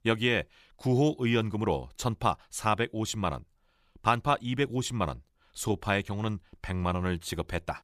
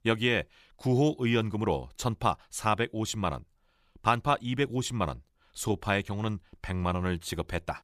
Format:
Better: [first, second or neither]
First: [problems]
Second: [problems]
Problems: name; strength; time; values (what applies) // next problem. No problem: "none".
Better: neither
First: none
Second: none